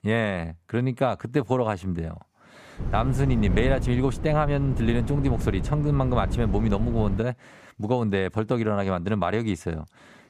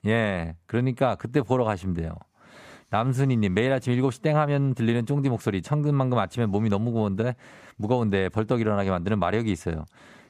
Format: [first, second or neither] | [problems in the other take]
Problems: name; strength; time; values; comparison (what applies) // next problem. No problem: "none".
second | wind noise on the microphone; occasional gusts; from 3 to 7 s; 10 dB below the speech